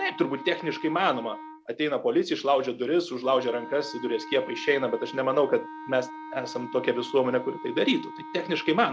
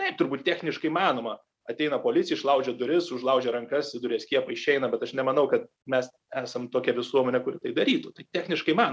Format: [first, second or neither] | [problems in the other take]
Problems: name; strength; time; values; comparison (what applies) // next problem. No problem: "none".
second | background sound (Wind instrument, woodwind instrument); 14 dB below the speech